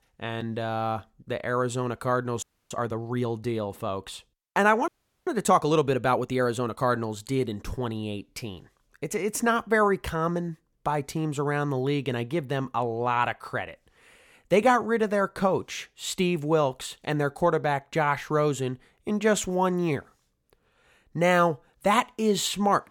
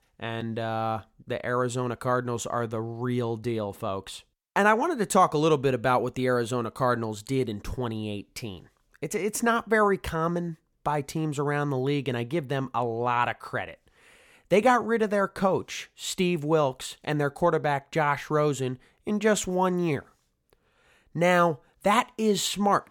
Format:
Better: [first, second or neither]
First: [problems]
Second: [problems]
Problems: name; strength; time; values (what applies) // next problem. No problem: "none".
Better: second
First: audio freezing; at 2.5 s and at 5 s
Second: none